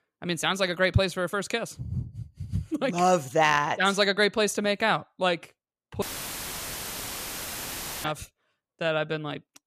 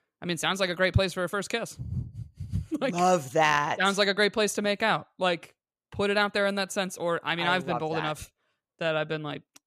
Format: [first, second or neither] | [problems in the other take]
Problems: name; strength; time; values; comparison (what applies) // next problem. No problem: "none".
second | audio cutting out; filled with static; at 6 s for 2 s